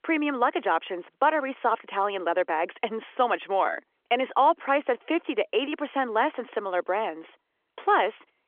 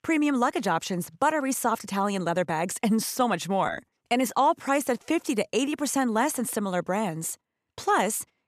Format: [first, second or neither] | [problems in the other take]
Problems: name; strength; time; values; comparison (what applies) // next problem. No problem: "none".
second | phone-call audio